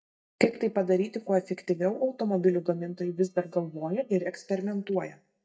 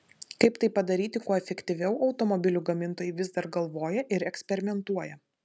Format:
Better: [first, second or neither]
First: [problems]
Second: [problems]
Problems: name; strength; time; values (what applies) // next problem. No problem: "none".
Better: second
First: noise reduction (neural mask model DeepFilterNet 3)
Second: none